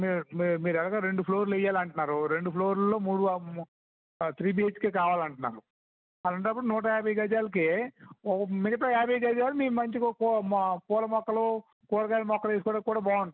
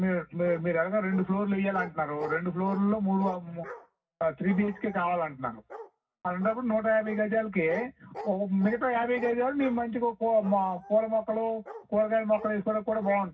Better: first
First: none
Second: background sound (Bark); 18 dB below the speech // room echo; dies away in 0.4 s

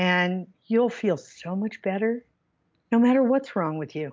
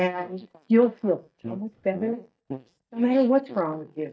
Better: first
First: none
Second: noise reduction (neural mask model DeepFilterNet 3)

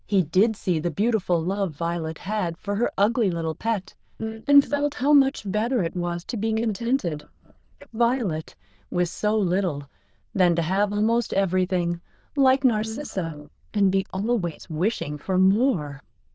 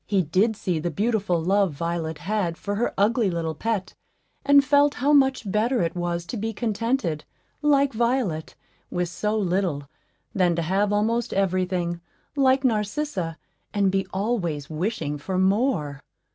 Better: second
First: noise reduction (neural diffusion model UNIVERSE++)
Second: none

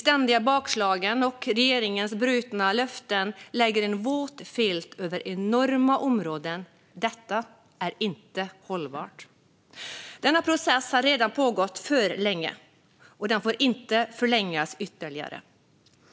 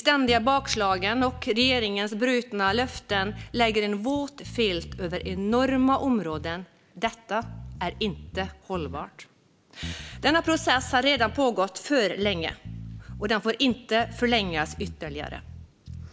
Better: first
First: none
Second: background sound (Bass guitar); 14 dB below the speech

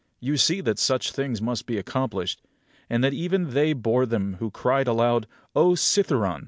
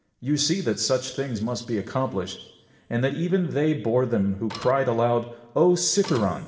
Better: first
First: none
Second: background sound (Printer); 13 dB below the speech // room echo; dies away in 1.2 s

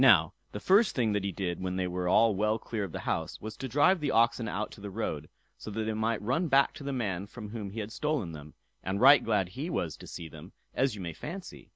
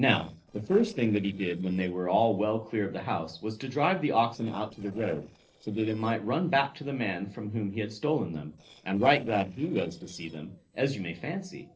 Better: first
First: none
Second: noise reduction (neural separator model SepFormer DNS4)

